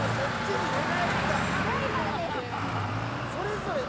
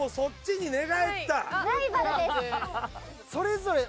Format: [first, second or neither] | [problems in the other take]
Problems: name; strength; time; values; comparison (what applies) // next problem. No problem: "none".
second | background sound (Traffic noise, roadway noise); 4 dB above the speech